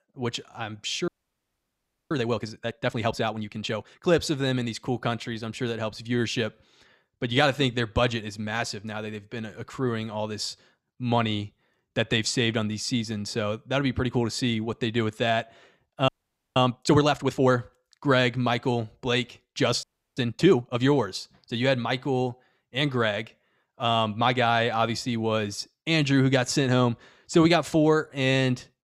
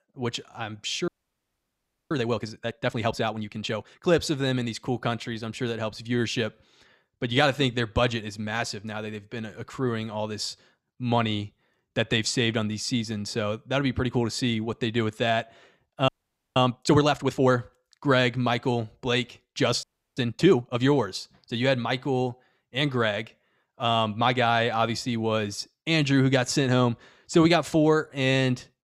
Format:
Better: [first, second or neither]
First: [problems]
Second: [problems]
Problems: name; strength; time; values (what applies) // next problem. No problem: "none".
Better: neither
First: audio freezing; at 1 s for 1 s, at 16 s and at 20 s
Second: audio freezing; at 1 s for 1 s, at 16 s and at 20 s